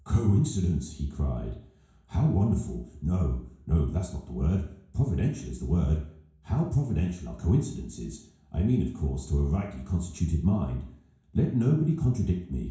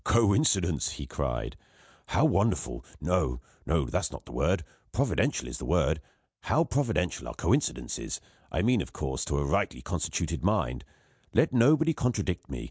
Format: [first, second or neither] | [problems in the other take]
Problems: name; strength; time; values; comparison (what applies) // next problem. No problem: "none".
second | room echo; dies away in 0.6 s